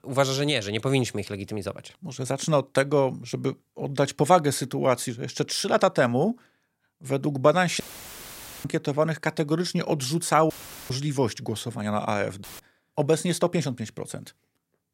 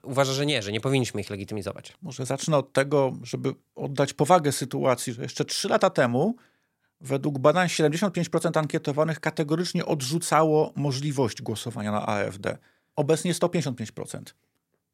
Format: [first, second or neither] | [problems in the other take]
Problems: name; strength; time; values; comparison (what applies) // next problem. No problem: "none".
second | audio cutting out; filled with static; at 8 s for 1 s, at 11 s and at 12 s